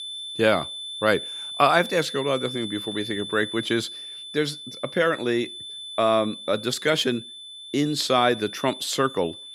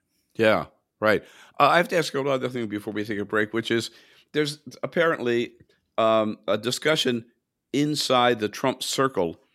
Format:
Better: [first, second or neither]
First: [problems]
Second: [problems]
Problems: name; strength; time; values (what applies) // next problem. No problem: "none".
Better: second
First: high-pitched whine; loud; throughout; 3.5 kHz, 10 dB below the speech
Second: none